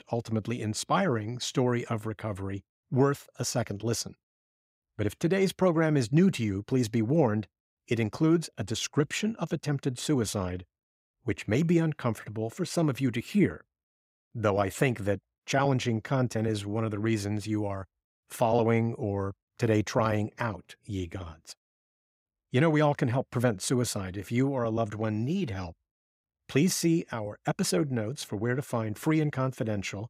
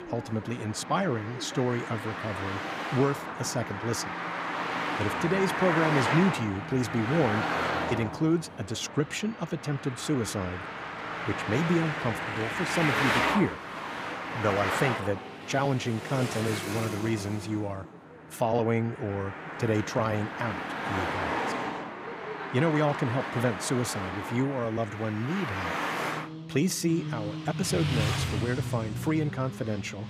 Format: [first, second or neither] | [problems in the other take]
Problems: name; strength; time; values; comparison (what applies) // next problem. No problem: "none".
first | traffic noise; loud; throughout; 3 dB below the speech